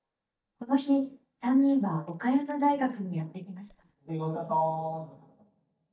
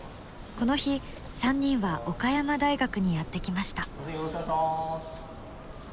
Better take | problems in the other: second | noise reduction (neural mask model DeepFilterNet 3)

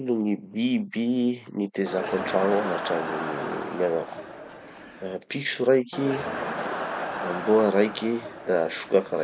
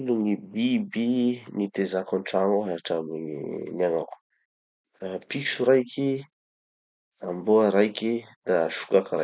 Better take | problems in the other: second | background sound (Crowd); 7 dB below the speech

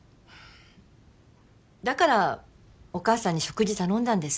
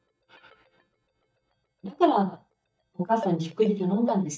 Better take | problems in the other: first | noise reduction (neural mask model DeepFilterNet 3)

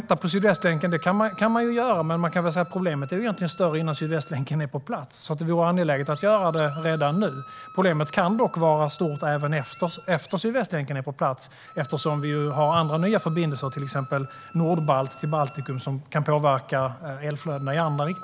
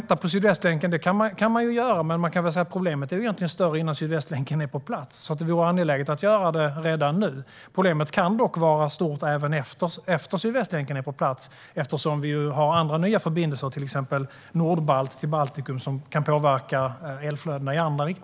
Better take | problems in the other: second | background sound (Chirp, tweet + Wind instrument, woodwind instrument); 19 dB below the speech

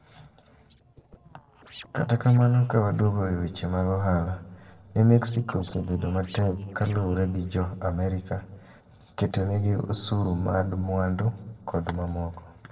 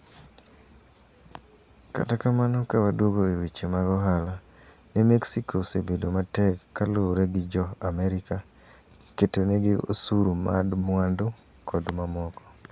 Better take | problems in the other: second | noise reduction (neural separator model SepFormer DNS4)

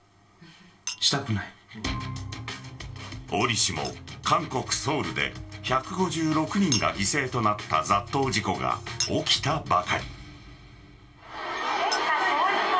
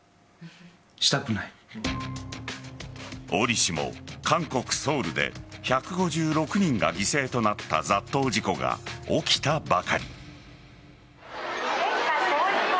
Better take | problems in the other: second | background sound (Chink, clink); 15 dB below the speech // room echo; dies away in 0.2 s

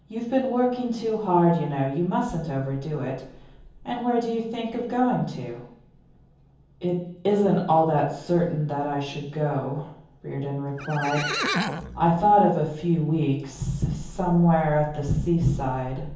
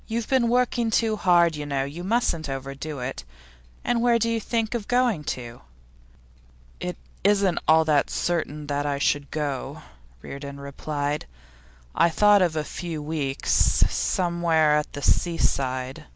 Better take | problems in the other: second | background sound (Livestock, farm animals, working animals); 5 dB below the speech // room echo; dies away in 0.7 s

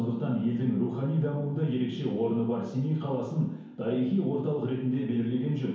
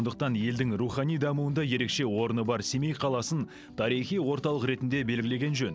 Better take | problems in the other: second | room echo; dies away in 1 s

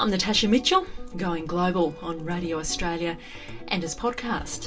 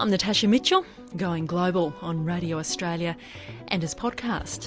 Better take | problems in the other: second | background sound (Dog); 13 dB below the speech // room echo; dies away in 0.2 s

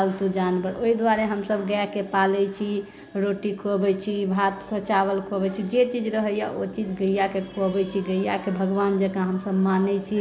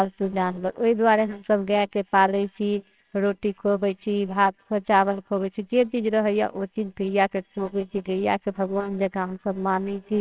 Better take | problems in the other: first | noise reduction (neural separator model SepFormer WHAMR!)

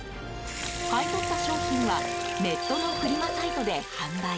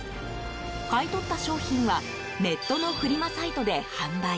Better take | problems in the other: second | background sound (Sink (filling or washing) / Water tap, faucet / Liquid + Brass instrument); 2 dB below the speech

